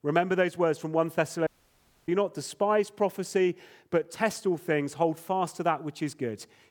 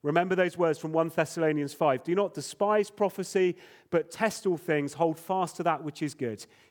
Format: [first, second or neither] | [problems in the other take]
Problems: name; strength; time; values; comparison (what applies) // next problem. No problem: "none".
second | audio cutting out; at 1.5 s for 0.5 s